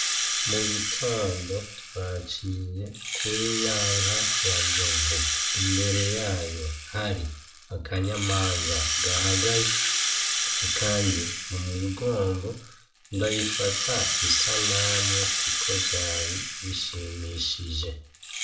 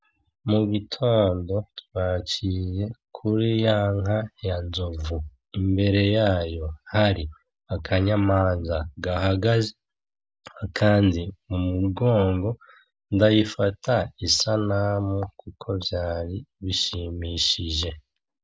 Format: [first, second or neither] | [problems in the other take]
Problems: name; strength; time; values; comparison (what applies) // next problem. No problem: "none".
second | background sound (Rattle (instrument)); 2 dB above the speech // room echo; dies away in 0.3 s